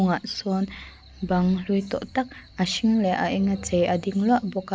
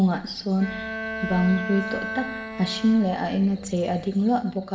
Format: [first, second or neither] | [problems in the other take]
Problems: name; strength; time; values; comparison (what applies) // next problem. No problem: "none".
first | background sound (Bowed string instrument); 10 dB below the speech // room echo; dies away in 1.8 s